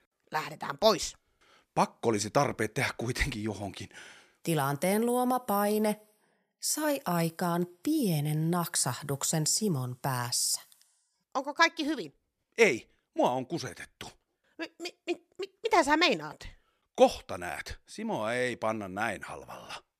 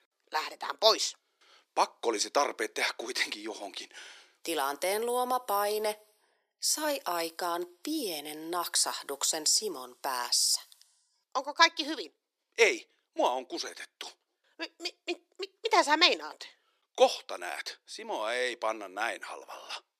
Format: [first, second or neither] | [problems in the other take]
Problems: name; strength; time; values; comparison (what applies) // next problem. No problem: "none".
first | thin; very; fading below 300 Hz